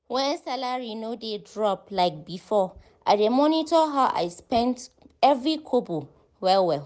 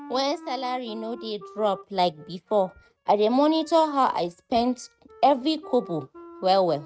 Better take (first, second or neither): first